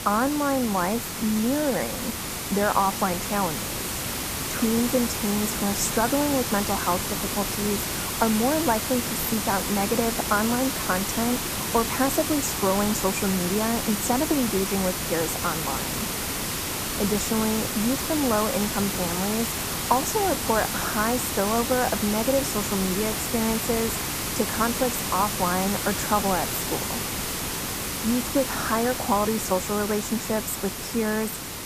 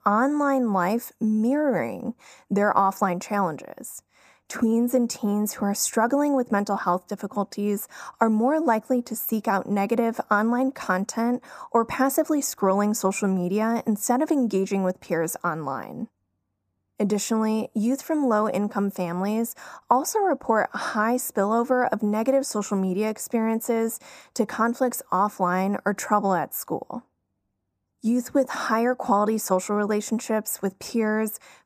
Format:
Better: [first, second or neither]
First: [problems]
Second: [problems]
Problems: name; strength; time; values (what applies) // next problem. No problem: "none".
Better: second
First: hiss; loud; throughout; 1 dB below the speech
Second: none